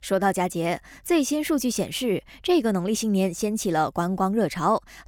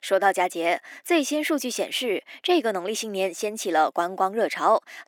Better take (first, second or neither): first